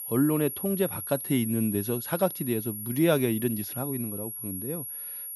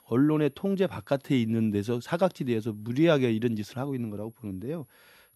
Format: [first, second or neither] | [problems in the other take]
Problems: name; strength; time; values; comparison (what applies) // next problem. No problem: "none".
second | high-pitched whine; loud; throughout; 11.5 kHz, 6 dB below the speech; faint in the second